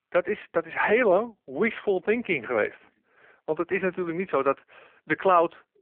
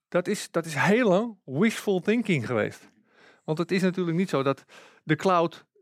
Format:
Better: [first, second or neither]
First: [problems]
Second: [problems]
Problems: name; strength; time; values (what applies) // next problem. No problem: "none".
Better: second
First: phone-call audio; poor line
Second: none